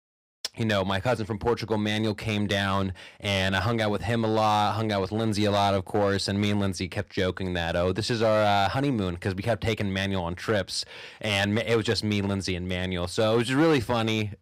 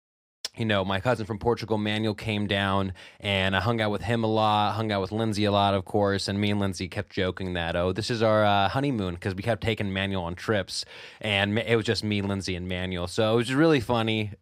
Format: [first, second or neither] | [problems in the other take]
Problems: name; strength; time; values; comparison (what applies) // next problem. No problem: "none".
second | distortion; slight; 3% of the sound clipped